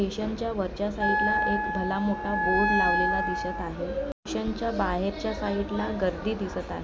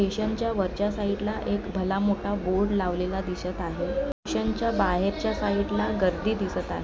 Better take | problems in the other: second | background sound (Wind instrument, woodwind instrument); 1 dB above the speech

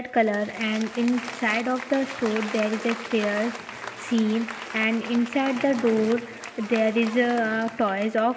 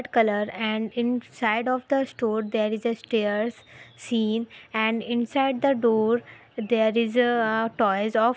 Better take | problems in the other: second | background sound (Applause); 12 dB below the speech // room echo; dies away in 2.1 s

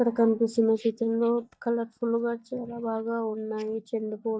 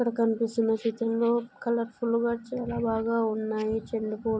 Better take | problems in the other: second | noise reduction (neural mask model DeepFilterNet 3)

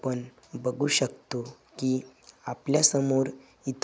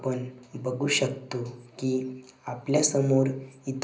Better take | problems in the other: first | room echo; dies away in 0.5 s

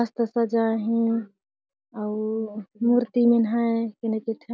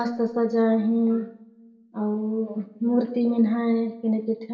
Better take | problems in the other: first | room echo; dies away in 1 s

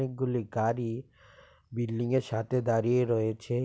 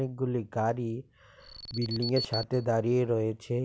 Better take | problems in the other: first | background sound (Alarm); 9 dB below the speech

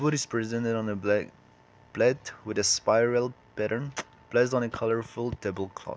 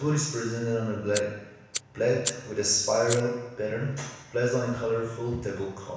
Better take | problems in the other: first | background sound (Fire); 10 dB below the speech // room echo; dies away in 1.1 s

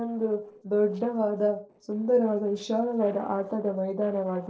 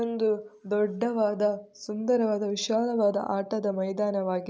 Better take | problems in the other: second | noise reduction (neural separator model SepFormer DNS4)

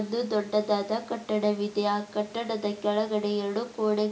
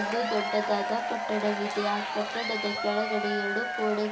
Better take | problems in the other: first | background sound (Applause / Crowd / Cheering); 1 dB below the speech

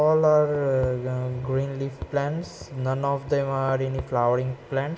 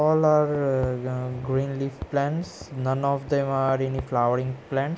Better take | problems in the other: second | room echo; dies away in 1 s

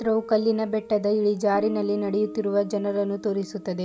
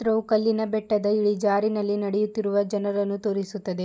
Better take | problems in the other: second | background sound (Guitar); 15 dB below the speech

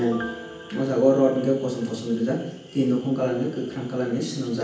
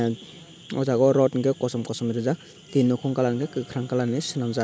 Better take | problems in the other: second | background sound (Piano); 18 dB below the speech // room echo; dies away in 0.9 s

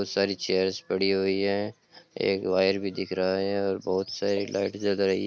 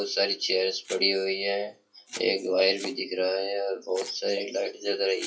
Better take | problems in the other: first | noise reduction (classical method WPE with log-MMSE)

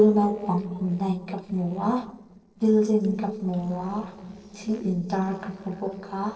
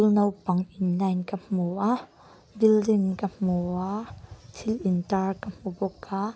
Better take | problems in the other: second | noise reduction (neural separator model SepFormer DNS4)

